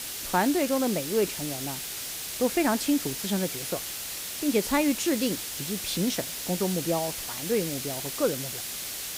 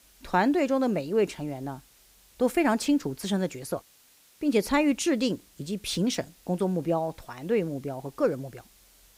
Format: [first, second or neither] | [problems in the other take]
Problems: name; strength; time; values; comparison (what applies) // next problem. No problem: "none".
second | hiss; loud; throughout; 4 dB below the speech; faint in the second